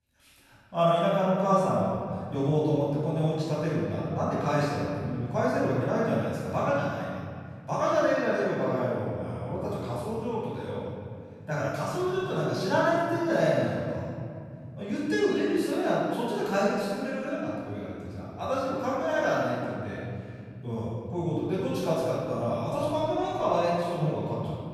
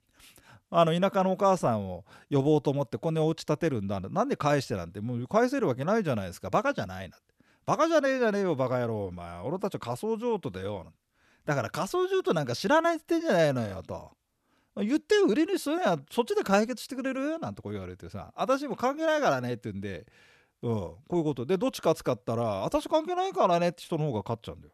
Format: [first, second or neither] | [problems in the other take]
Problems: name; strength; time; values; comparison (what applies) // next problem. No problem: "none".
second | room echo; strong; dies away in 2.9 s // off-mic speech; far